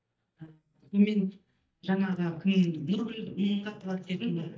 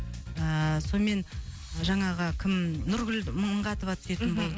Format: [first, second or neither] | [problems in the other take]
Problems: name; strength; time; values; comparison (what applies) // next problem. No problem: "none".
second | noise reduction (neural mask model DeepFilterNet 3)